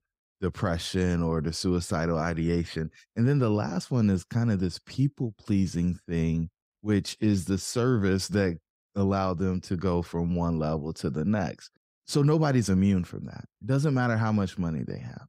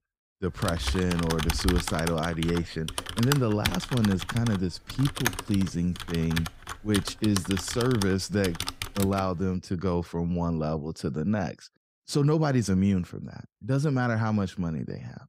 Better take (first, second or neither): first